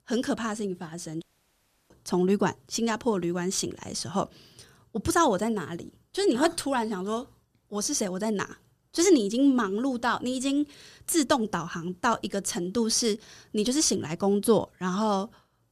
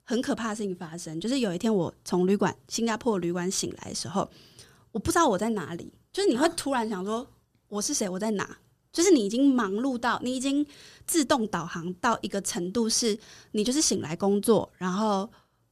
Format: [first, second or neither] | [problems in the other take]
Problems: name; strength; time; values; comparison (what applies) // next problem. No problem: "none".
second | audio cutting out; at 1 s for 0.5 s